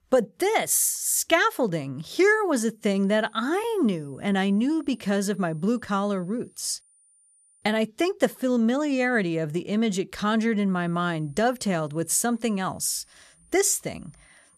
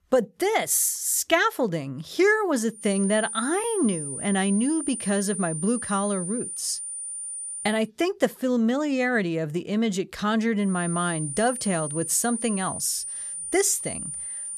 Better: first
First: high-pitched whine; faint; from 3 to 7.5 s and from 11 s on; 9.5 kHz, 35 dB below the speech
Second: high-pitched whine; loud; from 3 to 7.5 s and from 11 s on; 9.5 kHz, 6 dB below the speech

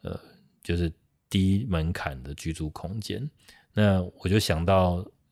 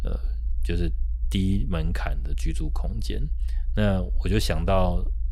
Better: first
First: none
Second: low rumble; faint; throughout; 25 dB below the speech

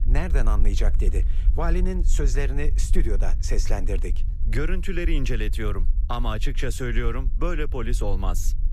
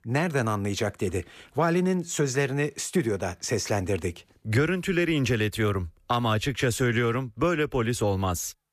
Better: second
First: low rumble; noticeable; throughout; 15 dB below the speech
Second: none

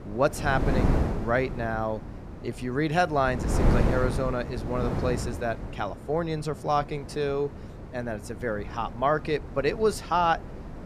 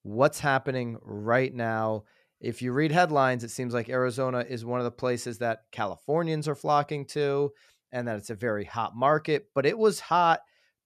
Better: second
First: wind noise on the microphone; heavy; 10 dB below the speech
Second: none

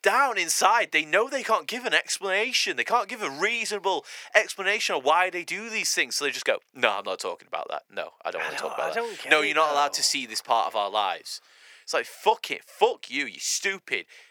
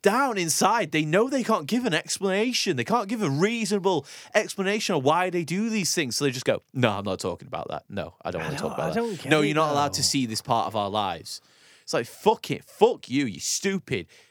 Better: second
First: thin; very; fading below 600 Hz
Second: none

